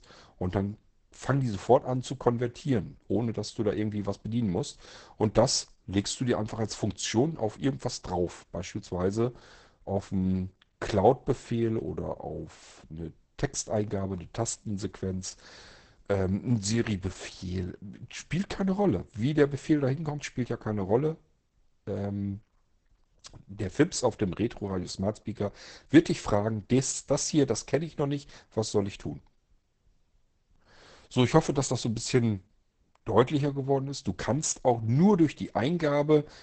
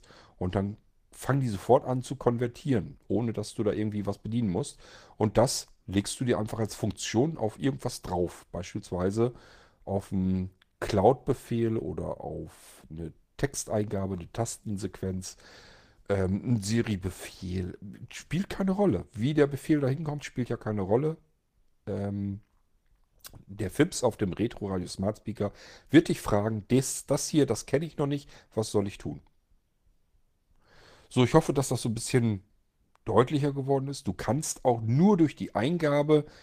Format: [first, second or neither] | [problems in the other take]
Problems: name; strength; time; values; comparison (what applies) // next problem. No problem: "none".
second | garbled, watery; badly; nothing above 8 kHz; slightly in the second